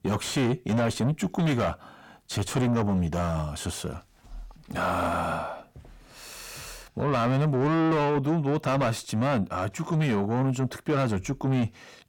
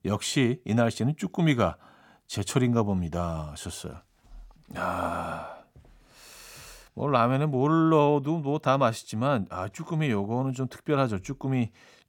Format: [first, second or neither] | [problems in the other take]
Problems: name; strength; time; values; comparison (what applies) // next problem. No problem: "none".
second | distortion; heavy; 6 dB below the speech